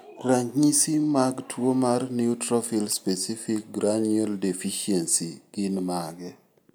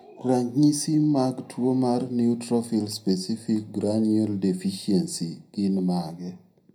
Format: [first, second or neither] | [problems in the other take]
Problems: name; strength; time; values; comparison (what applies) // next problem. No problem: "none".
first | room echo; dies away in 0.5 s